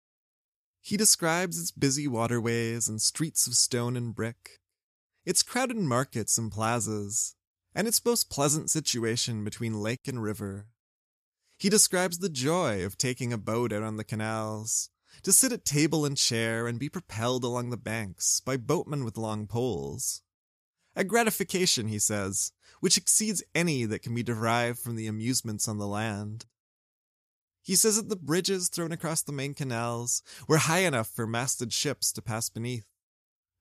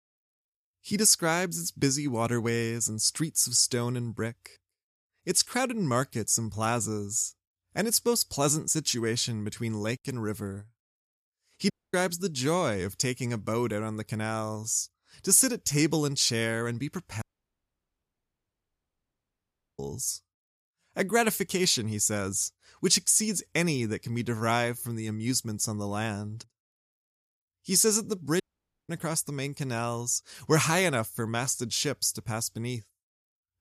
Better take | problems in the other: first | audio cutting out; at 12 s, at 17 s for 2.5 s and at 28 s

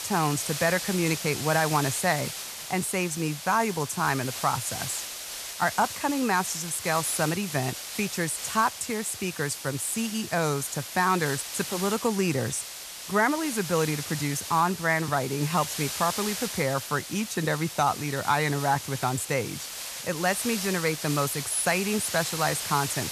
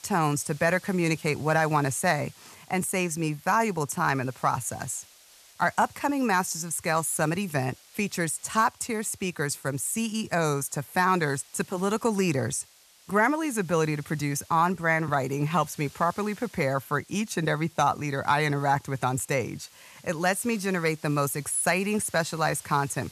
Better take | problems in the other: second | hiss; loud; throughout; 6 dB below the speech; faint in the second

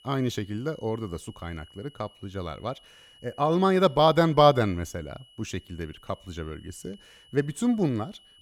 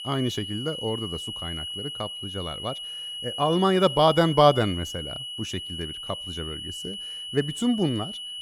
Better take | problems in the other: first | high-pitched whine; loud; throughout; 3 kHz, 8 dB below the speech; faint in the first

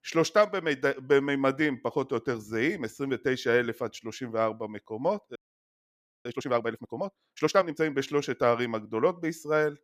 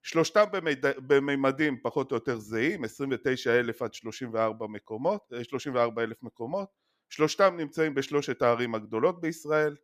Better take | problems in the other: second | audio freezing; at 5.5 s for 1 s

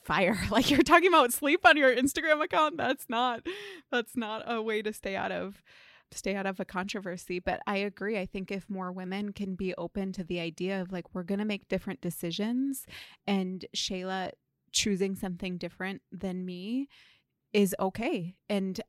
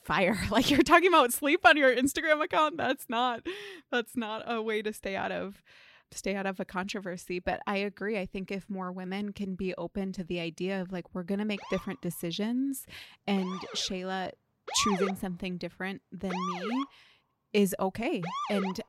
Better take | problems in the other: first | siren; noticeable; from 12 s on; peak 2 dB below the speech

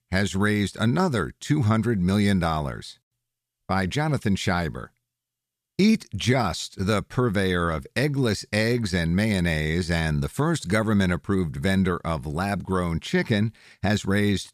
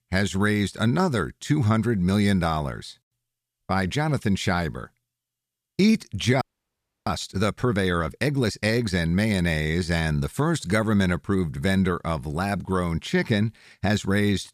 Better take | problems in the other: first | audio freezing; at 6.5 s for 0.5 s

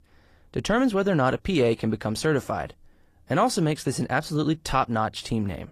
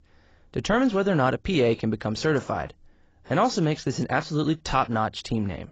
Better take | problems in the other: first | garbled, watery; badly; nothing above 7.5 kHz; slightly in the first

